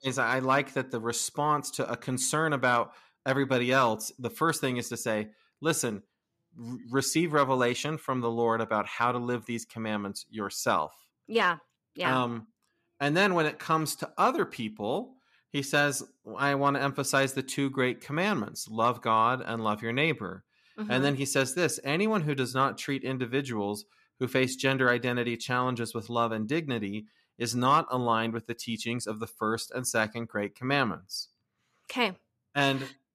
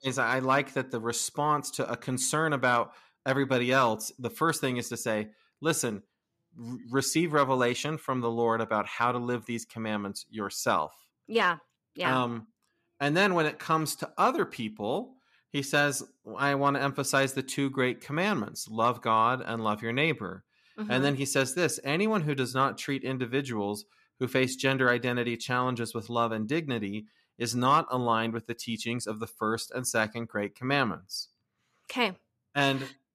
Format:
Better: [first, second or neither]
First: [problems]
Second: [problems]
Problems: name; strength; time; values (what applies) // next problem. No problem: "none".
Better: neither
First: none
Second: none